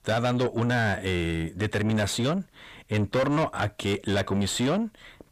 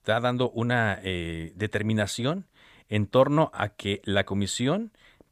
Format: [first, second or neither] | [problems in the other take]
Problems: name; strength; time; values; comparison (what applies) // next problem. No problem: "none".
second | distortion; heavy; 6 dB below the speech